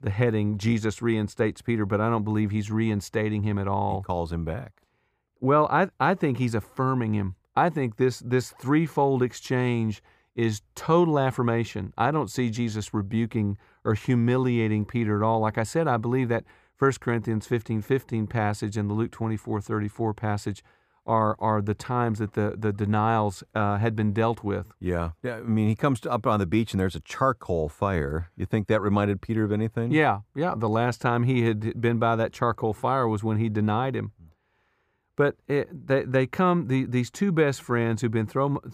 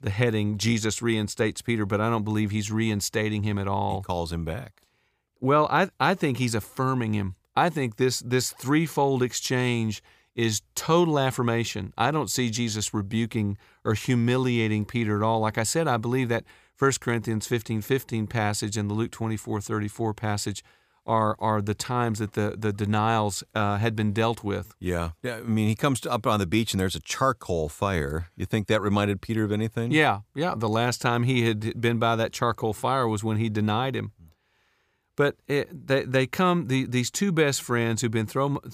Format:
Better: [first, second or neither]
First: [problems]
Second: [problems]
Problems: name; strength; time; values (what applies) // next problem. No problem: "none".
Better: second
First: muffled; slightly; fading above 2.5 kHz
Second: none